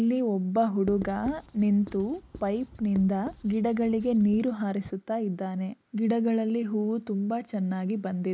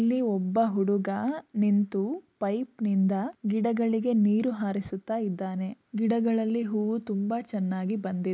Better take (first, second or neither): second